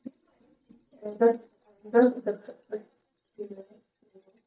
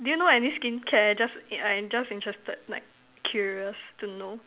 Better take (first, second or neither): second